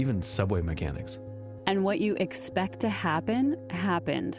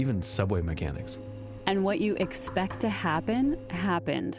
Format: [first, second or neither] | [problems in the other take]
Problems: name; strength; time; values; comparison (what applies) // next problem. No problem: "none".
first | background sound (Knock + Boiling); 17 dB below the speech